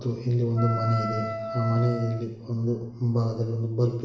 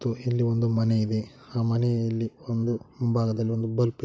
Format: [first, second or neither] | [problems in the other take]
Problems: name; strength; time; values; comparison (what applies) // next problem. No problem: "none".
second | background sound (Wind instrument, woodwind instrument); 7 dB below the speech // room echo; dies away in 0.9 s